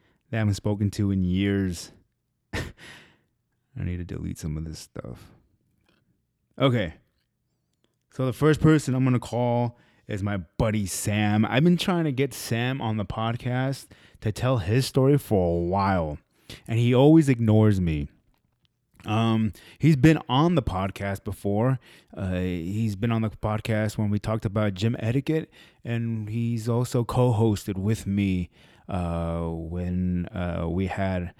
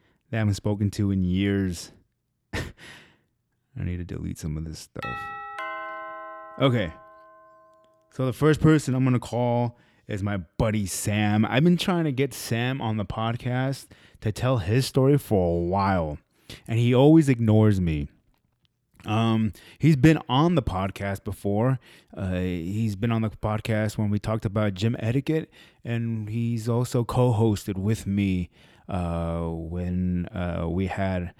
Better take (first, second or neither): first